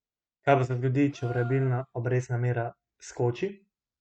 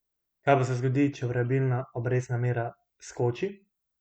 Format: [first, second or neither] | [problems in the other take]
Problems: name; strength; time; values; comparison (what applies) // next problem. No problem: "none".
second | noise reduction (neural mask model RNNoise)